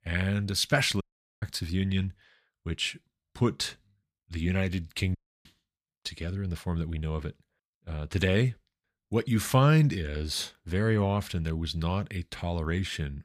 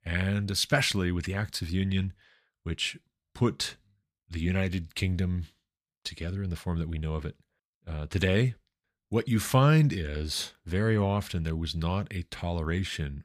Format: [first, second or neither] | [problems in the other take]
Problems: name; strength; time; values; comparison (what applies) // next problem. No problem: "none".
second | audio cutting out; at 1 s and at 5 s